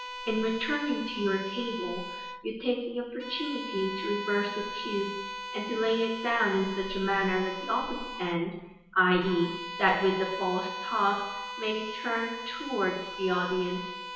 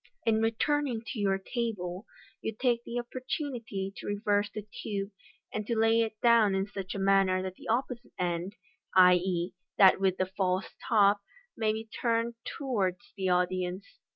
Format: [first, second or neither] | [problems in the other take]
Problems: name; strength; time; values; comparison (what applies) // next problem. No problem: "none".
second | background sound (Bowed string instrument); 9 dB below the speech // room echo; dies away in 0.9 s